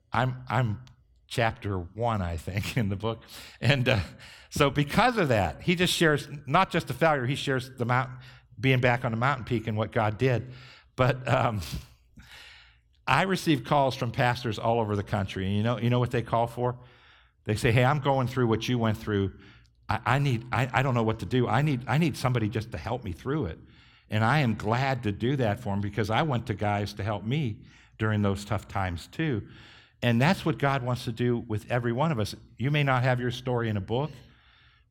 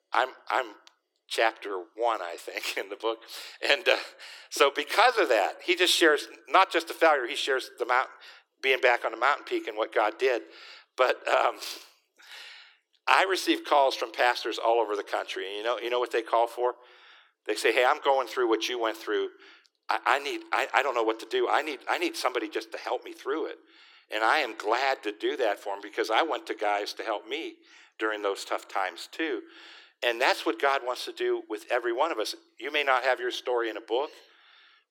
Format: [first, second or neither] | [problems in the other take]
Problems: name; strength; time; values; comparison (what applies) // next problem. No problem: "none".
first | thin; very; fading below 350 Hz